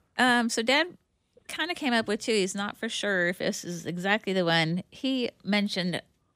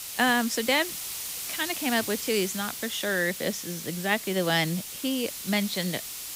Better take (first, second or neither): first